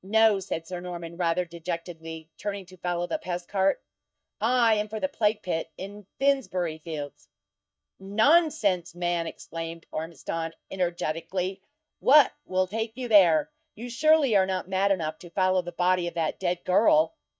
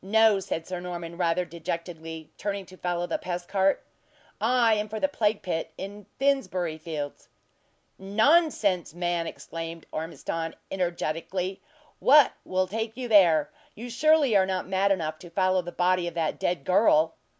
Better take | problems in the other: second | noise reduction (neural mask model DeepFilterNet 3)

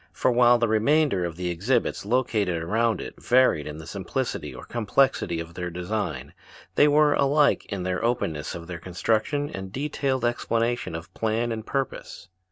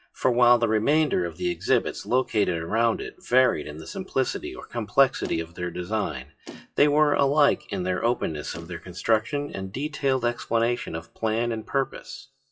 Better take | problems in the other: first | noise reduction (classical method WPE with log-MMSE)

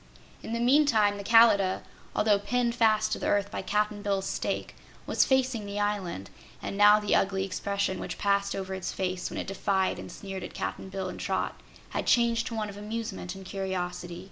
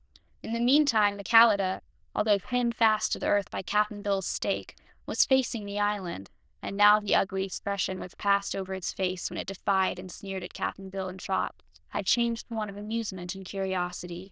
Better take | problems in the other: first | noise reduction (neural diffusion model UNIVERSE++)

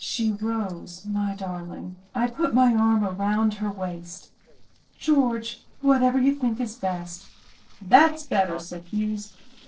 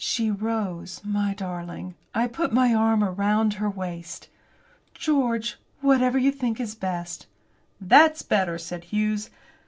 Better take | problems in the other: second | noise reduction (neural separator model SepFormer DNS4)

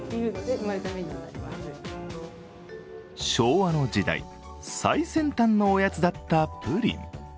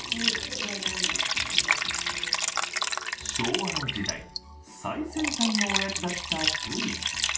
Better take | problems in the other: first | background sound (Liquid); 5 dB above the speech // room echo; dies away in 0.3 s

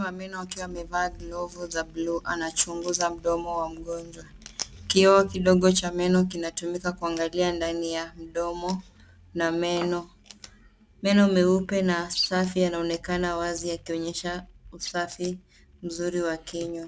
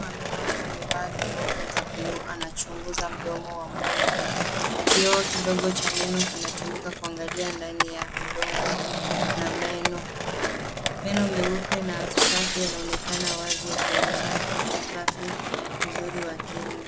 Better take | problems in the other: first | background sound (Skateboard + Shatter); 5 dB above the speech

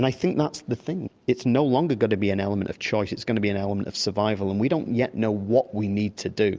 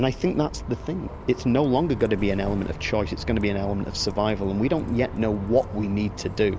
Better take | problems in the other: first | background sound (Bus); 10 dB below the speech

